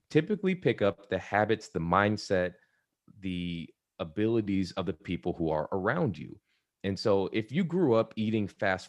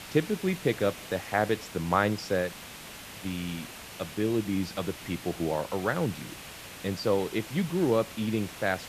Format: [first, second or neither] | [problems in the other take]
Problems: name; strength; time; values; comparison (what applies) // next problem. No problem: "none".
first | hiss; noticeable; throughout; 10 dB below the speech